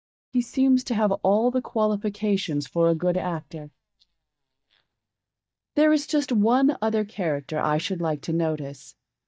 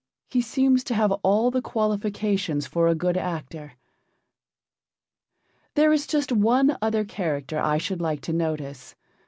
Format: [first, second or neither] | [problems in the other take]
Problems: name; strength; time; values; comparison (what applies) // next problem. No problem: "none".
second | noise reduction (neural mask model DeepFilterNet 3)